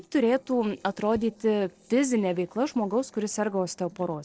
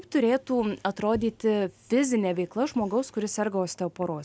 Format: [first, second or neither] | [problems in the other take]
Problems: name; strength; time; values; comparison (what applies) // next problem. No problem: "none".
second | noise reduction (neural separator model SepFormer DNS4)